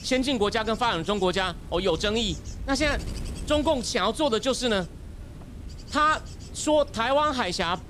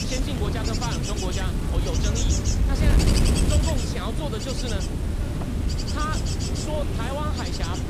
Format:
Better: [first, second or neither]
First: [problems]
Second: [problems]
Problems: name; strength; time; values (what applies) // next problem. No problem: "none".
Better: first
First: wind noise on the microphone; occasional gusts; 20 dB below the speech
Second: wind noise on the microphone; heavy; 1 dB above the speech